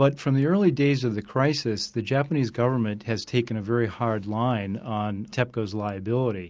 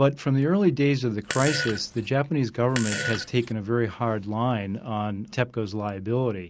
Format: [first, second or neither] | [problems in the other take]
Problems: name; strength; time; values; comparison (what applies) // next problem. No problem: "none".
first | background sound (Fart); 7 dB below the speech